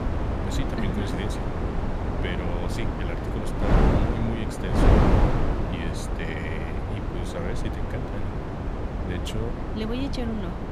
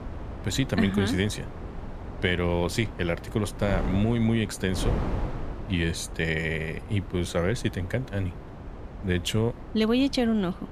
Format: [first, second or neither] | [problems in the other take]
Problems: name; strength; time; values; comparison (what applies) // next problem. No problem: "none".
second | wind noise on the microphone; heavy; 5 dB above the speech; occasional gusts in the second